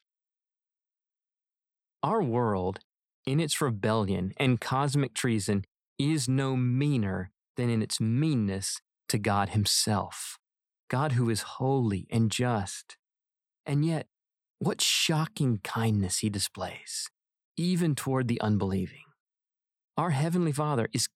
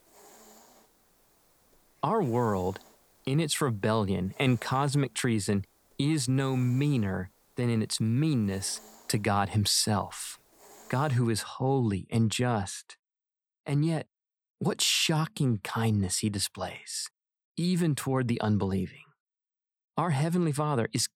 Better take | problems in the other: first | hiss; faint; until 11 s; 25 dB below the speech

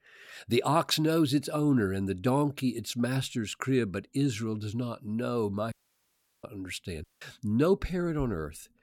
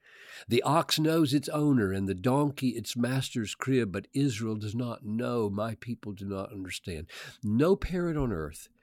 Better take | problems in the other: second | audio cutting out; at 5.5 s for 0.5 s and at 7 s

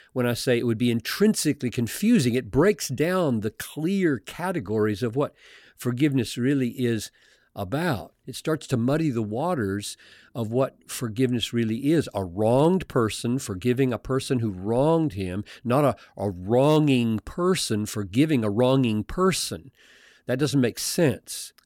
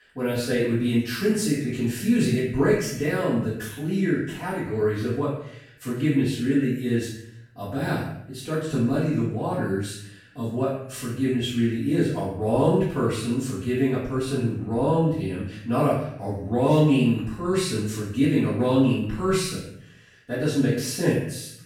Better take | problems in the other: first | off-mic speech; far // room echo; noticeable; dies away in 0.7 s

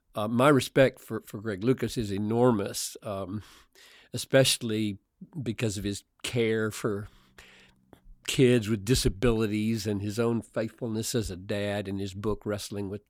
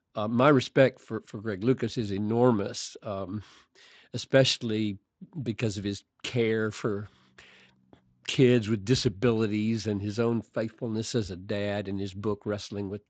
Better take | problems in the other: first | garbled, watery; slightly; nothing above 7.5 kHz

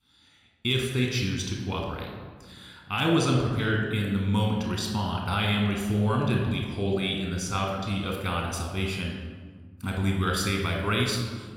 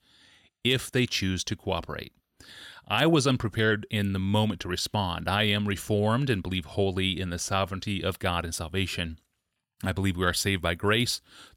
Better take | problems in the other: second | room echo; noticeable; dies away in 1.3 s // off-mic speech; somewhat distant

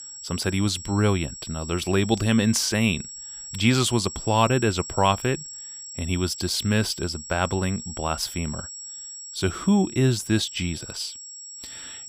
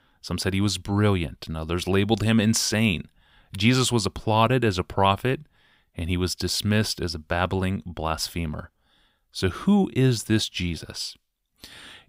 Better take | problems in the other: second | high-pitched whine; noticeable; throughout; 7.5 kHz, 10 dB below the speech

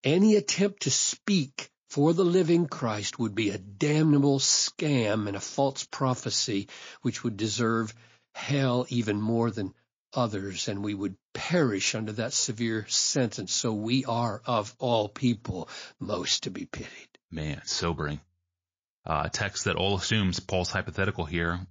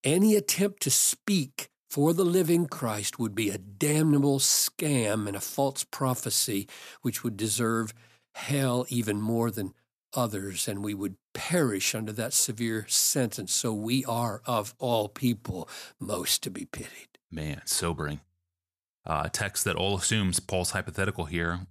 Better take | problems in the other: second | garbled, watery; slightly

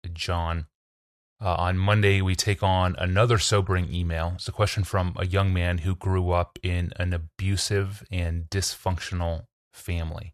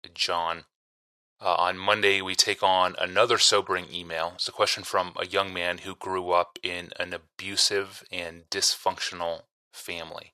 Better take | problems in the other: first | thin; very; fading below 450 Hz

